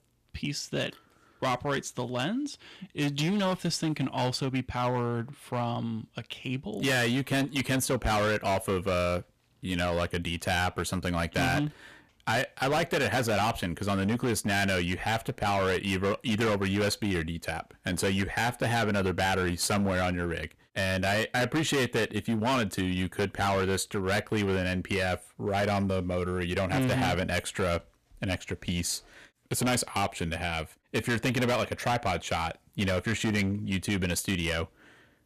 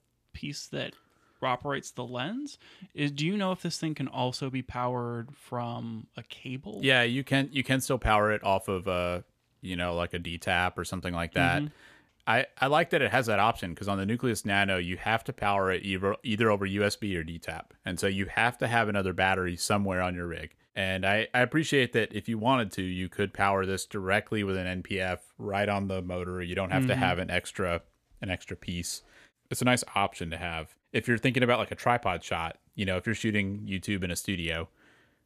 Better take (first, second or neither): second